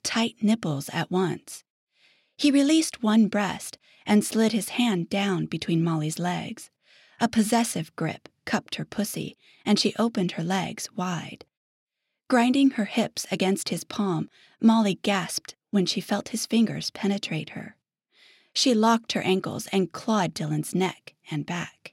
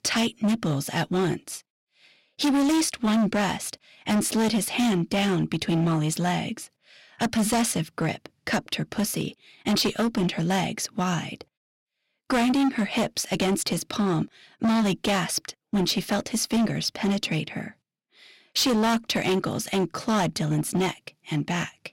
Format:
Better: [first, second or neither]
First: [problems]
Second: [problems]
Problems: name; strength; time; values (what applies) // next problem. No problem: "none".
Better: first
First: none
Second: distortion; heavy; 13% of the sound clipped